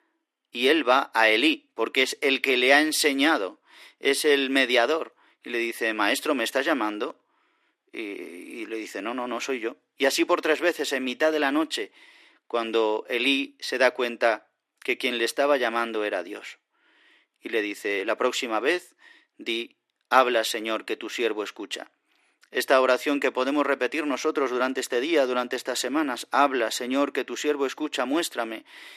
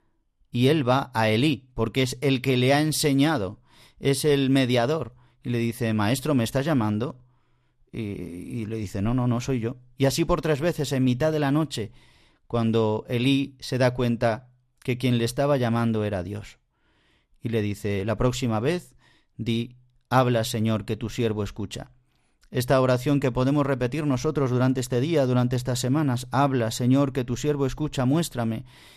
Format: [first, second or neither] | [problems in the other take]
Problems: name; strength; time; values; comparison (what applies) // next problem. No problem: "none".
second | thin; somewhat; fading below 300 Hz